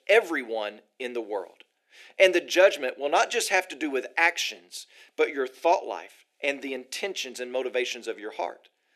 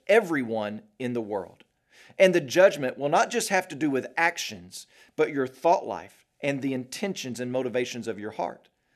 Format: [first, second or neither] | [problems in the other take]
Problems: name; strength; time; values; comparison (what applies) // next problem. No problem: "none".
second | thin; somewhat; fading below 350 Hz